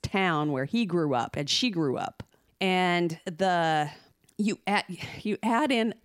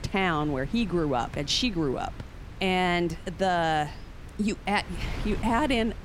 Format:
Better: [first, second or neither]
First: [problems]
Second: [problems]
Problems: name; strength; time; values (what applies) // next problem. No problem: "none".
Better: first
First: none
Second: wind noise on the microphone; occasional gusts; 20 dB below the speech